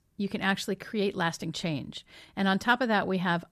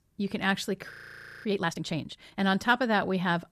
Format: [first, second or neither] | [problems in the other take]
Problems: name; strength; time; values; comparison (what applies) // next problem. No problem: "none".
first | audio freezing; at 1 s for 0.5 s